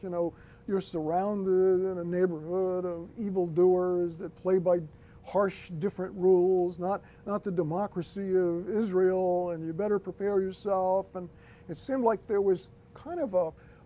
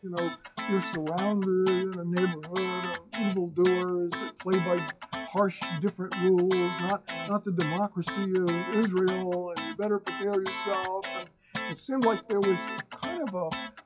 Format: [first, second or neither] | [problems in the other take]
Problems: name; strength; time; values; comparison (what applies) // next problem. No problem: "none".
first | noise reduction (classical method WPE with log-MMSE)